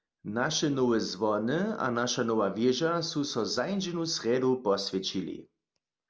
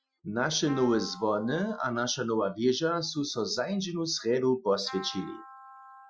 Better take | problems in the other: first | noise reduction (classical method Wiener filter)

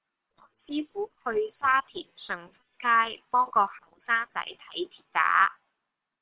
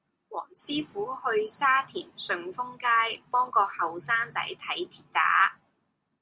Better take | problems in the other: second | noise reduction (neural separator model SepFormer WHAM!)

